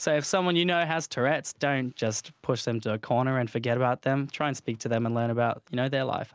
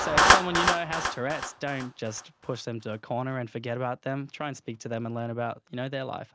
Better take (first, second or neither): first